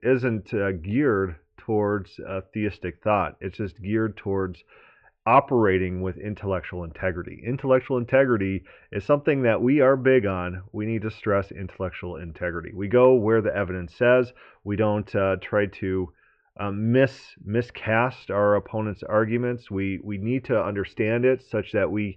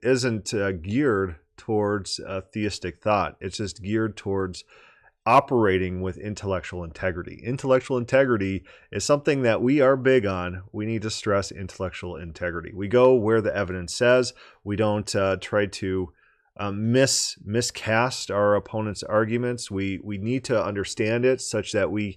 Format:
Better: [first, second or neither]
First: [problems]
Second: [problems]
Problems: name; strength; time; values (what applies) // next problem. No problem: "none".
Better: second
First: muffled; very; fading above 2.5 kHz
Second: none